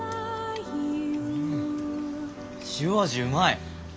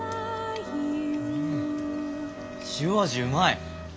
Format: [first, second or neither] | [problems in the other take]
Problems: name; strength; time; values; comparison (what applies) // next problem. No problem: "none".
first | background sound (Wind instrument, woodwind instrument); 15 dB below the speech